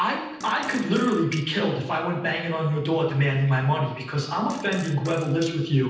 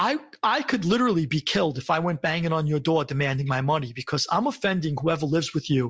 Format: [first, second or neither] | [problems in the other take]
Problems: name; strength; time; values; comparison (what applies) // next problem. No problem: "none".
second | background sound (Fart); 20 dB below the speech // room echo; dies away in 0.9 s